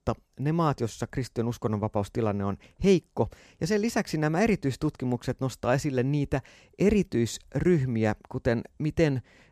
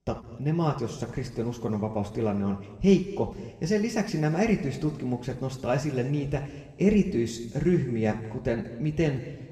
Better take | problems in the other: first | room echo; slight; dies away in 1.6 s // off-mic speech; somewhat distant

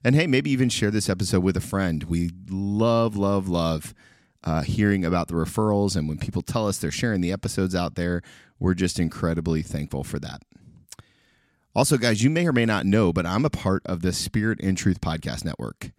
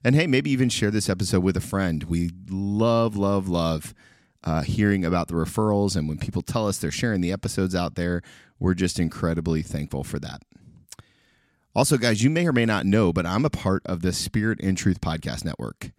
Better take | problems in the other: neither | none

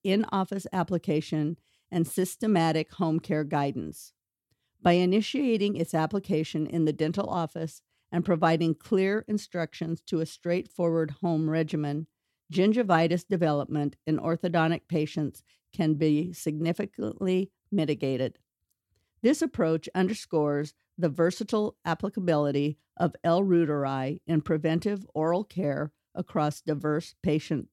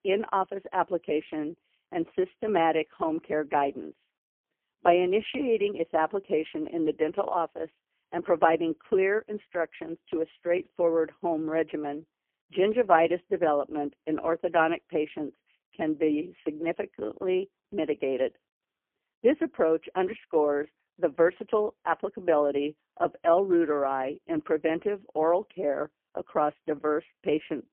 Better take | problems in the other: first | phone-call audio; poor line; nothing above 3 kHz

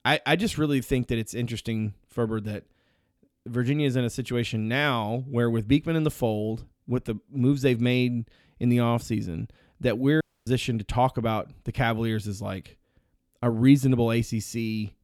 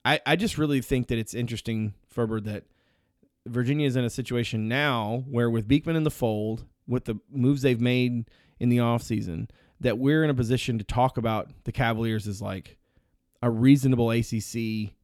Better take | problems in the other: second | audio cutting out; at 10 s

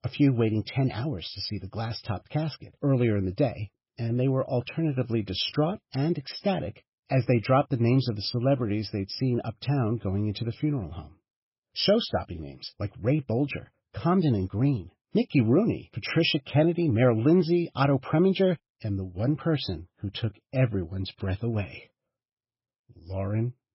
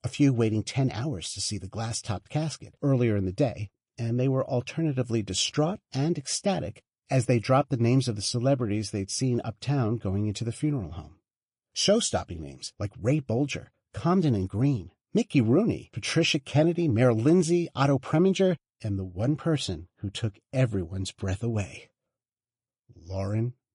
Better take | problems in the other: second | garbled, watery; badly; nothing above 5.5 kHz; slightly in the second

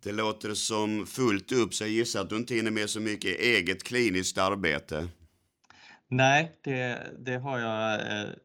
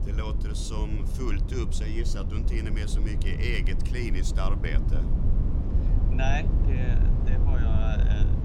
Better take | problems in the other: first | low rumble; loud; throughout; 5 dB below the speech

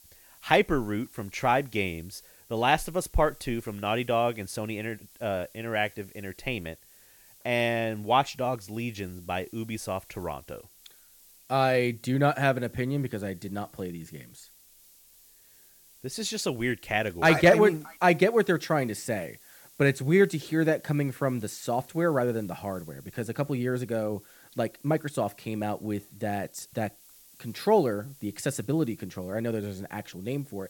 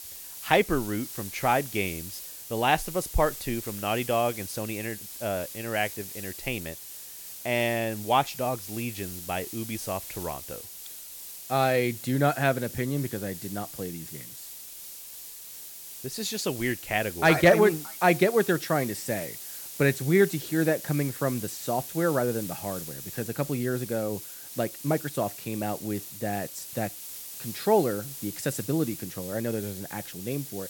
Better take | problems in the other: first | hiss; loud; throughout; 10 dB below the speech; faint in the first

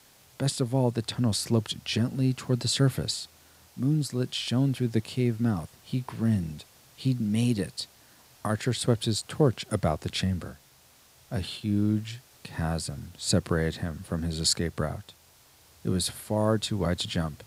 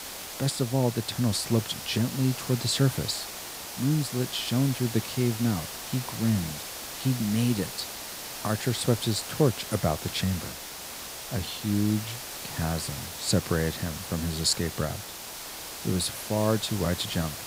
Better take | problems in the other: first | hiss; loud; throughout; 7 dB below the speech; faint in the first

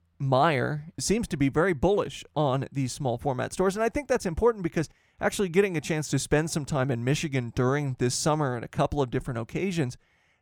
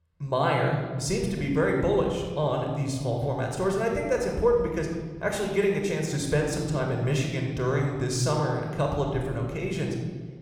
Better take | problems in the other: first | room echo; noticeable; dies away in 1.4 s

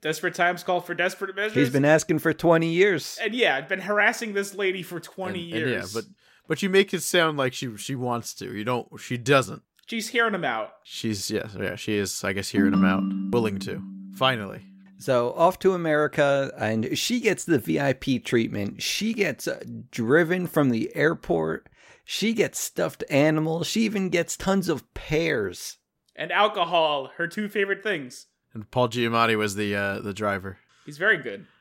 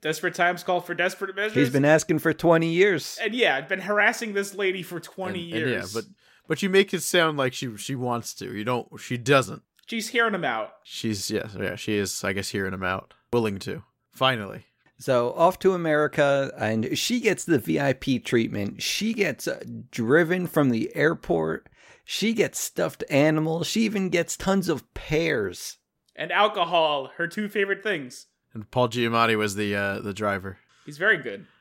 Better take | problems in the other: second | phone ringing; loud; from 13 to 14 s; peak 3 dB above the speech

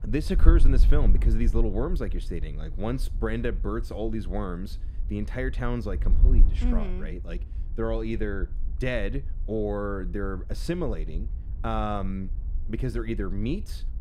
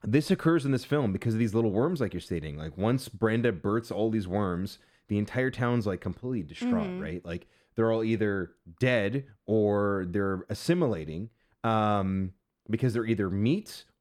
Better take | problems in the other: second | wind noise on the microphone; occasional gusts; 15 dB below the speech

